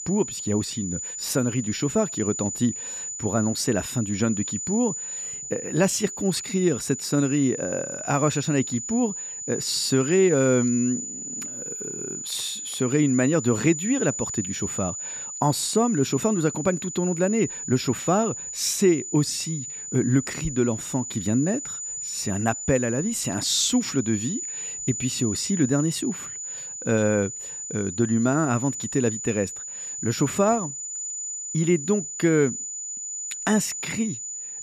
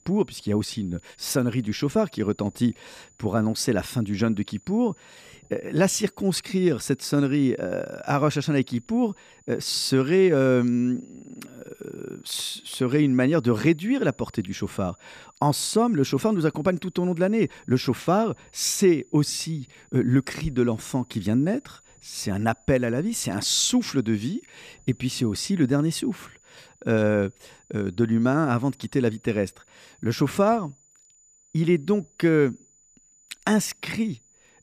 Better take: second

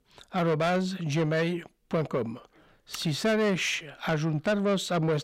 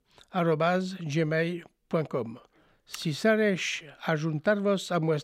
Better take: second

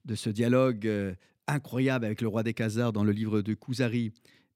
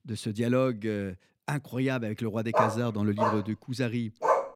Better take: first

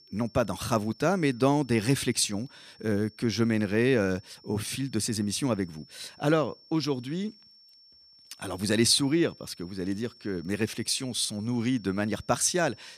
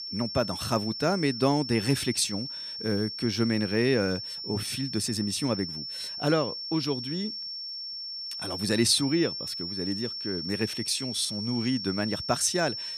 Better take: first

